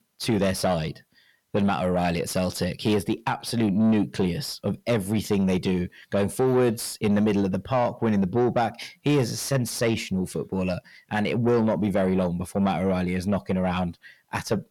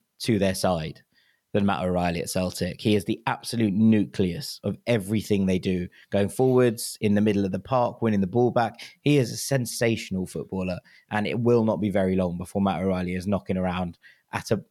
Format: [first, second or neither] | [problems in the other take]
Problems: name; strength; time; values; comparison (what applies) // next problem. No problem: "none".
second | distortion; slight; 10 dB below the speech